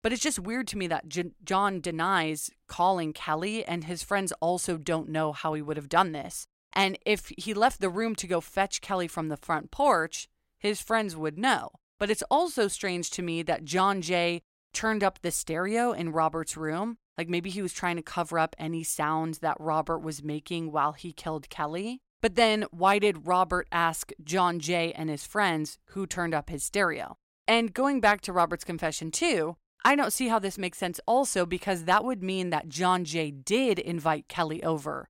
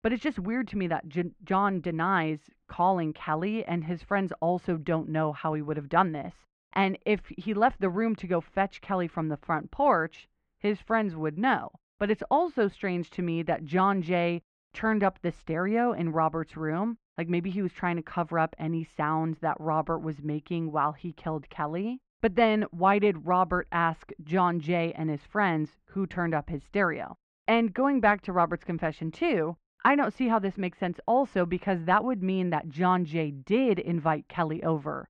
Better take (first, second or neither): first